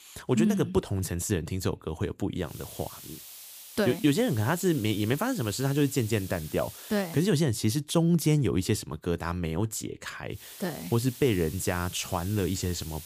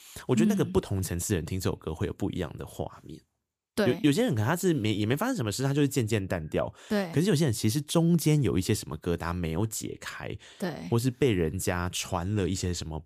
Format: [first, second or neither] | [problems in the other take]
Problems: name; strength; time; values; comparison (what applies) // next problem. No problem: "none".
second | hiss; noticeable; from 2.5 to 7.5 s and from 10 s on; 15 dB below the speech